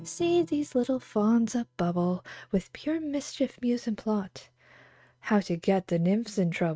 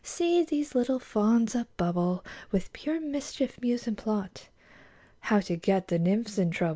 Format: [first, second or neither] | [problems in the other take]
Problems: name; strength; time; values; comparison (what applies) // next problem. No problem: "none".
second | noise reduction (neural mask model RNNoise)